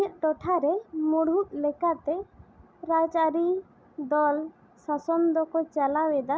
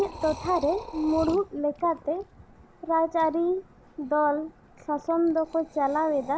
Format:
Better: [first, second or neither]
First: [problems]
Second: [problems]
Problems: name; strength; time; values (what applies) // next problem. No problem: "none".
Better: first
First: none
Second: background sound (Liquid); 17 dB below the speech